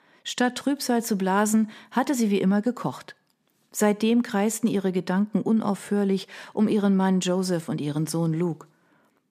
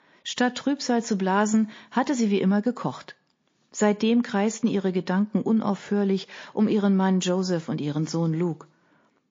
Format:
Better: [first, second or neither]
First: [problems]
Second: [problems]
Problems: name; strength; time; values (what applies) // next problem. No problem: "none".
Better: first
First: none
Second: garbled, watery; slightly